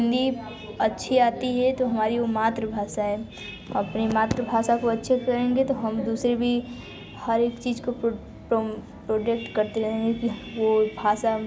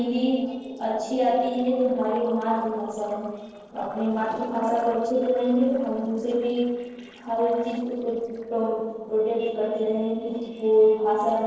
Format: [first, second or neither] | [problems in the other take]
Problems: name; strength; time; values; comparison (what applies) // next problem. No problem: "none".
first | noise reduction (neural separator model SepFormer DNS4)